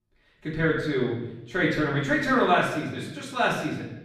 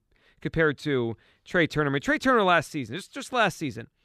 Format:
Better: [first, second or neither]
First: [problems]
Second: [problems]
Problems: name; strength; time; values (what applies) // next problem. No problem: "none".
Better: second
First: off-mic speech; far // room echo; noticeable; dies away in 0.8 s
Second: none